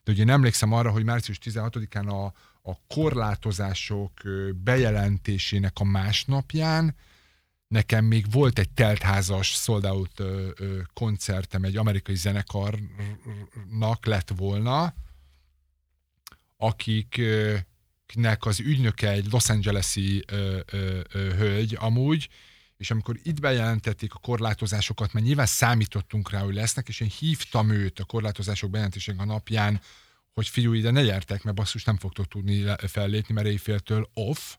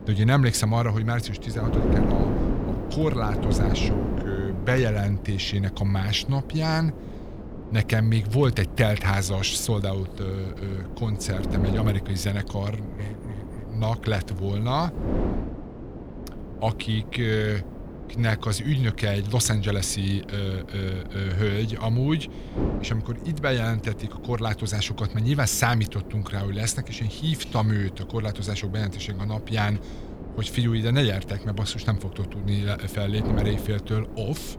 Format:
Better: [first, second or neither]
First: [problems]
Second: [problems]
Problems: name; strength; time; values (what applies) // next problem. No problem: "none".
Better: first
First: none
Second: wind noise on the microphone; heavy; 9 dB below the speech